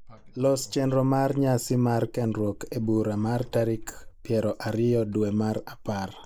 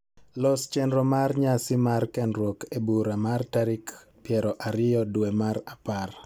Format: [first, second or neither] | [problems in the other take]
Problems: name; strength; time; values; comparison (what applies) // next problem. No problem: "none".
second | noise reduction (neural mask model Resemble Enhance denoiser)